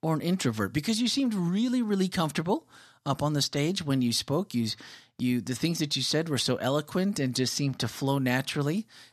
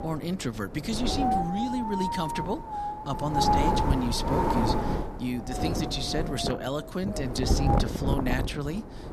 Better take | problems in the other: first | wind noise on the microphone; heavy; 4 dB above the speech

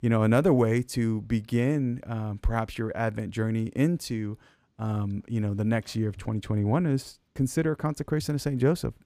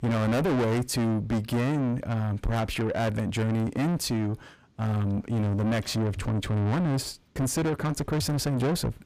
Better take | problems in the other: first | distortion; heavy; 6 dB below the speech

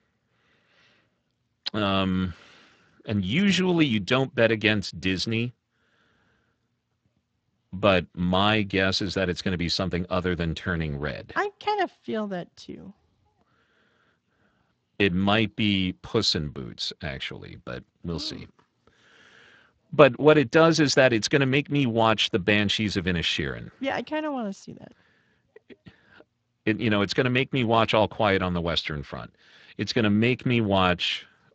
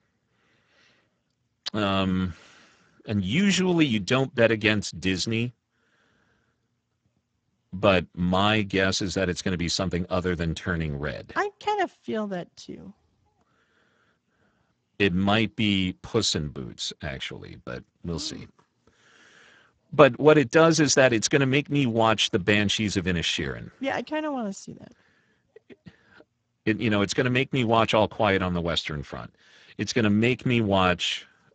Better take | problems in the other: first | garbled, watery; badly; nothing above 7.5 kHz; slightly in the first

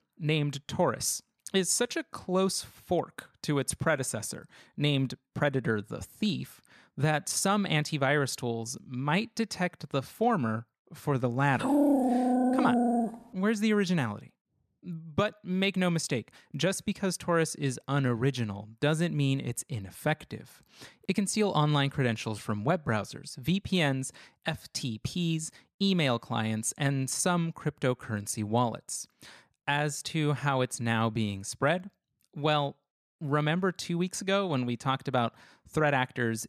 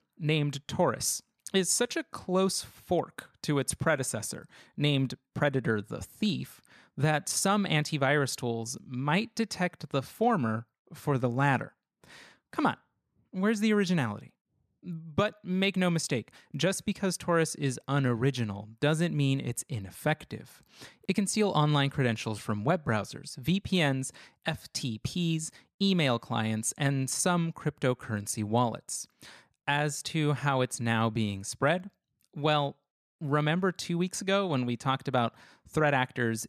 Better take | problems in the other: second | dog barking; loud; from 12 to 13 s; peak 6 dB above the speech

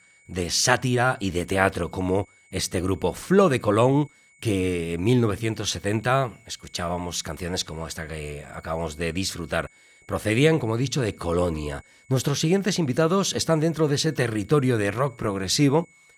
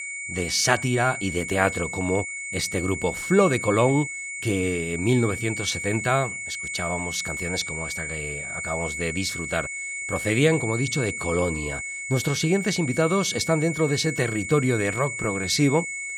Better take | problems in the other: first | high-pitched whine; loud; throughout; 2 kHz, 5 dB below the speech; faint in the first

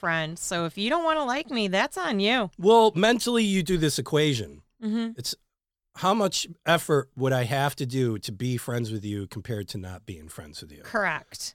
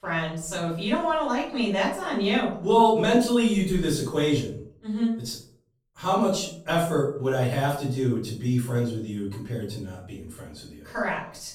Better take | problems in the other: first | off-mic speech; far // room echo; noticeable; dies away in 0.5 s

